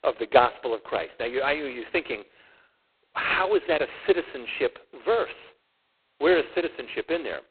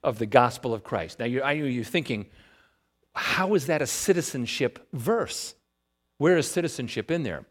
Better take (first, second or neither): second